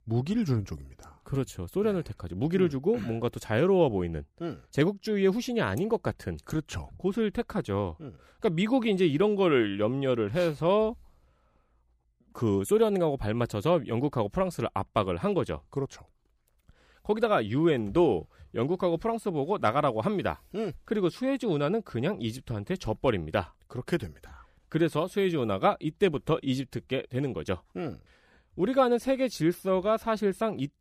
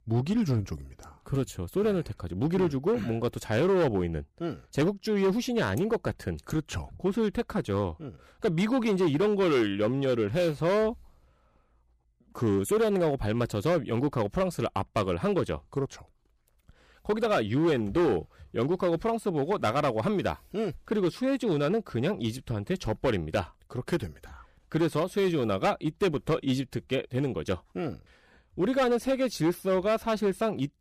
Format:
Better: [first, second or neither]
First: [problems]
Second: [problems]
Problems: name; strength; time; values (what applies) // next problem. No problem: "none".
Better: first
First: none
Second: distortion; slight; 7% of the sound clipped